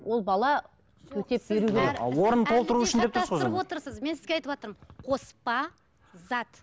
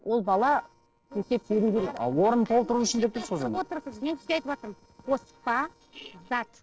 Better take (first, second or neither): first